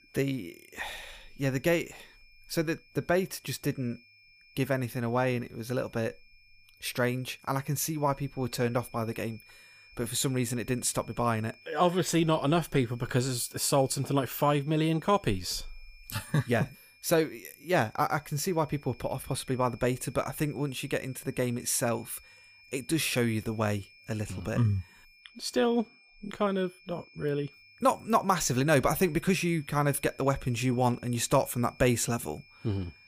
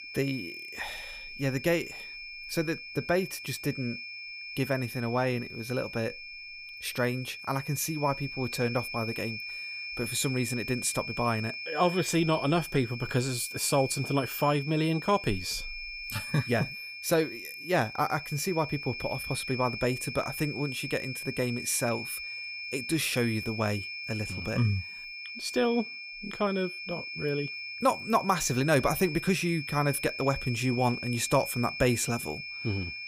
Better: first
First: high-pitched whine; faint; throughout; 2.5 kHz, 25 dB below the speech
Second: high-pitched whine; loud; throughout; 2.5 kHz, 7 dB below the speech

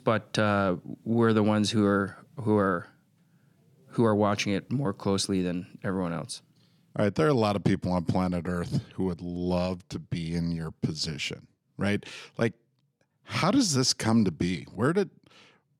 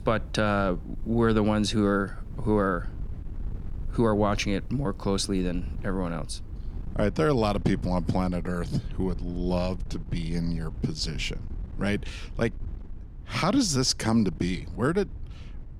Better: first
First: none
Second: wind noise on the microphone; occasional gusts; 25 dB below the speech

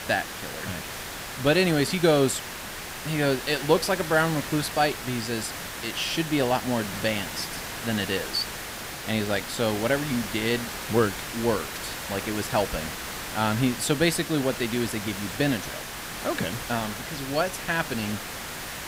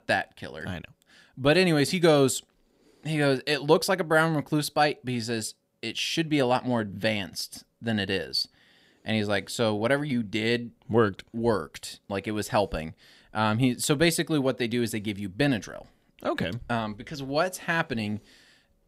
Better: second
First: hiss; loud; throughout; 7 dB below the speech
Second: none

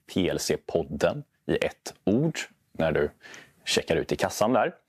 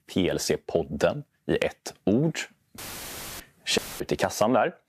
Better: first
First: none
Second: audio cutting out; filled with static; at 3 s for 0.5 s and at 4 s

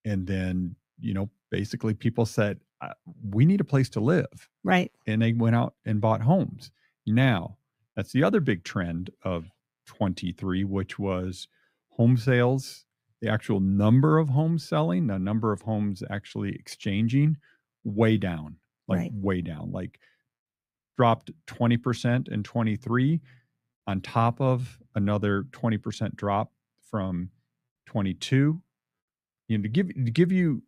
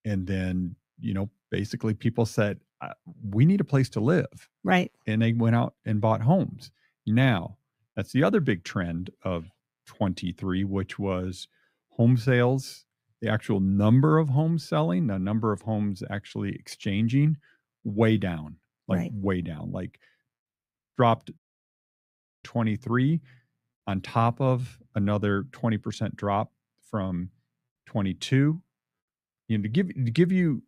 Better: first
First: none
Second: audio cutting out; at 21 s for 1 s

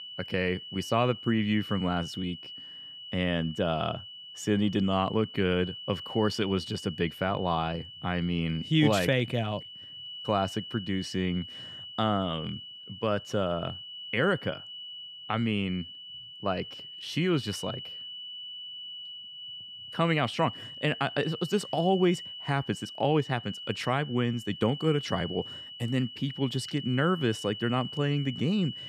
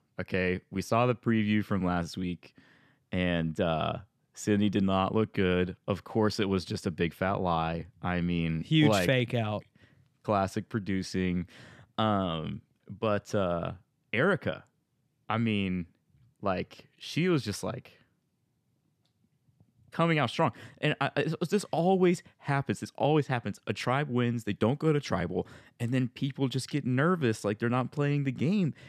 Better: second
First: high-pitched whine; noticeable; throughout; 3 kHz, 10 dB below the speech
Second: none

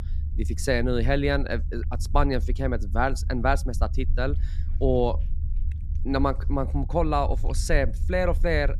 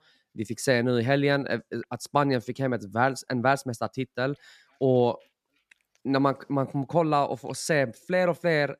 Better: second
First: low rumble; faint; throughout; 20 dB below the speech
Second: none

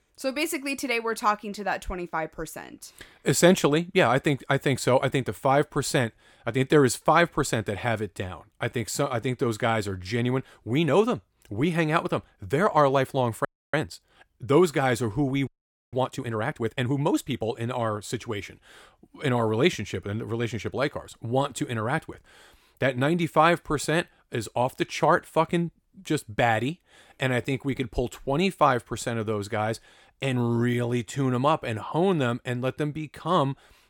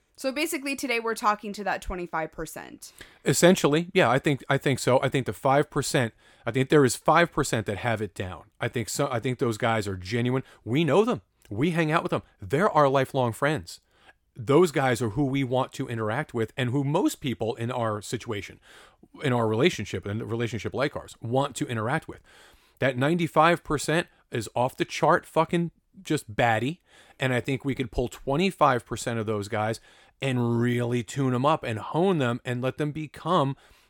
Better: second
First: audio freezing; at 13 s and at 15 s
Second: none

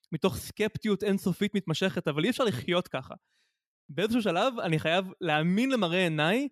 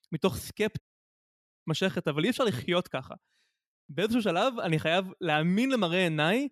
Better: first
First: none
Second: audio cutting out; at 1 s for 1 s

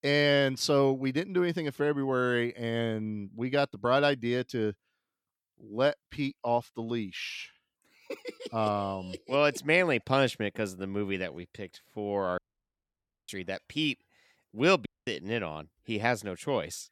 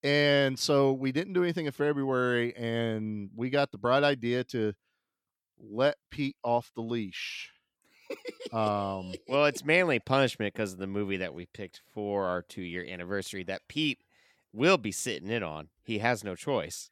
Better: second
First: audio cutting out; at 12 s for 1 s and at 15 s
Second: none

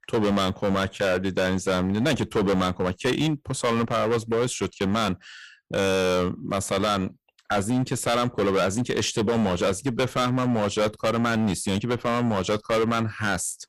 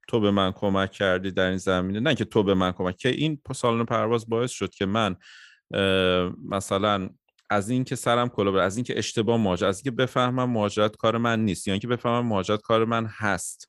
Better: second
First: distortion; heavy; 15% of the sound clipped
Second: none

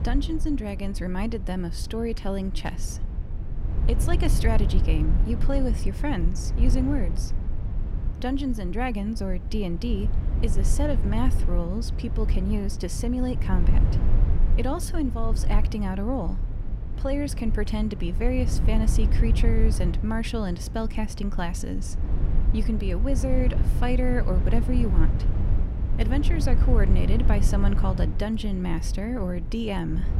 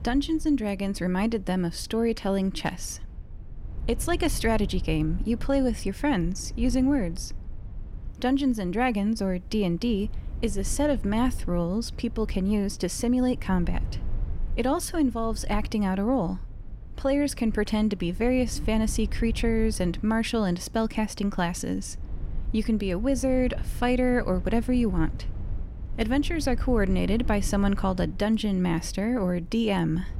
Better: second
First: low rumble; loud; throughout; 9 dB below the speech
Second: low rumble; faint; throughout; 25 dB below the speech

